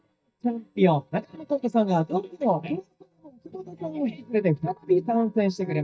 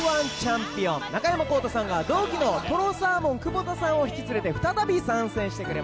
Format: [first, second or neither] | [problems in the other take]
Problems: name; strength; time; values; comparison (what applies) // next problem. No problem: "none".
second | noise reduction (neural mask model DeepFilterNet 3)